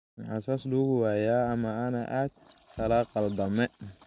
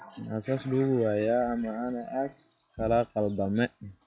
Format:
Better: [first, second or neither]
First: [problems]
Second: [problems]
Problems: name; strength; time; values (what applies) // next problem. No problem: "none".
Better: first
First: none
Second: noise reduction (classical method log-MMSE)